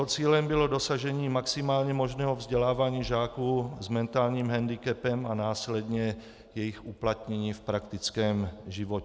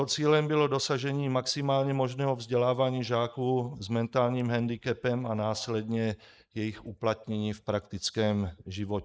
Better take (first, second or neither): first